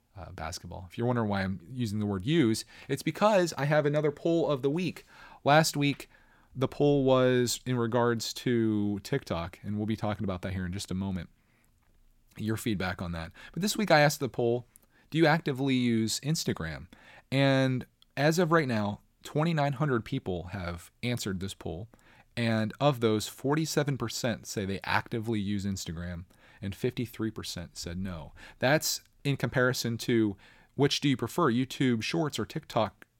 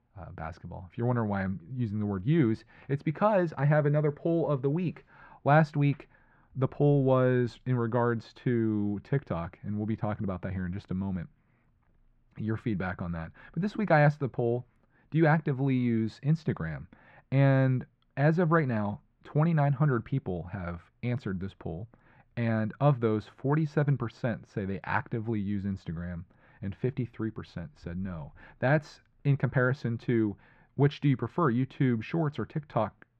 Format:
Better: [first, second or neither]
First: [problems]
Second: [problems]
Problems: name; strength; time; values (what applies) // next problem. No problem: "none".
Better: first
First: none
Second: muffled; very; fading above 1.5 kHz